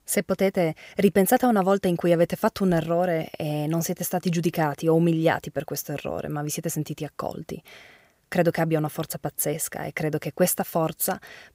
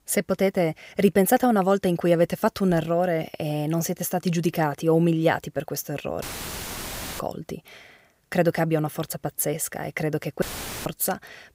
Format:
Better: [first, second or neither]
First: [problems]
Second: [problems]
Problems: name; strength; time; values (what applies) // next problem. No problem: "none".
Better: first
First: none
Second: audio cutting out; filled with static; at 6 s for 1 s and at 10 s